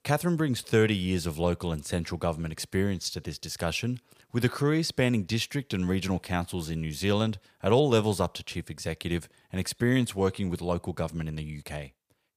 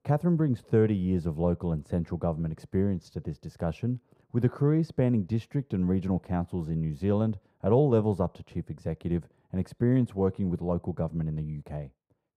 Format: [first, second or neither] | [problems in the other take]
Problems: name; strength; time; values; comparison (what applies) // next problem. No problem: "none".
first | muffled; very; fading above 1.5 kHz